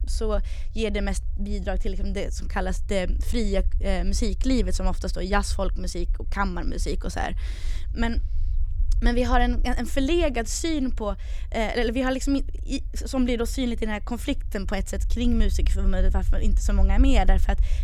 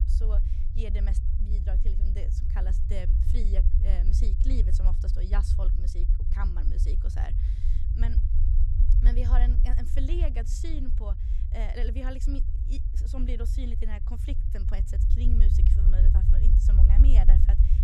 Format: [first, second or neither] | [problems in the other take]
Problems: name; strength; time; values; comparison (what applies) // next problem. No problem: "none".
first | low rumble; loud; throughout; 3 dB below the speech; faint in the first